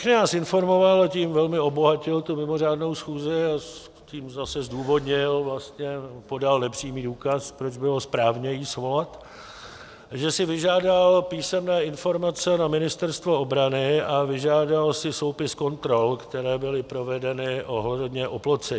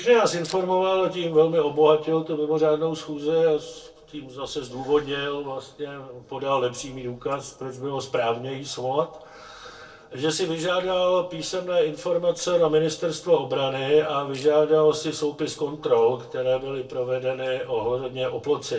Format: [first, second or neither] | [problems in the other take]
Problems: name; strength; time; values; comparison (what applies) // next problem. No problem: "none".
first | noise reduction (neural separator model SepFormer DNS4)